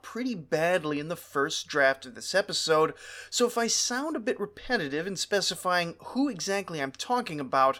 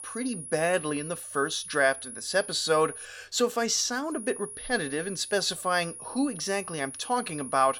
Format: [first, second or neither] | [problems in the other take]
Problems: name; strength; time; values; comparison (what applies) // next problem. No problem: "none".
first | high-pitched whine; noticeable; until 3 s and from 4 s on; 10.5 kHz, 10 dB below the speech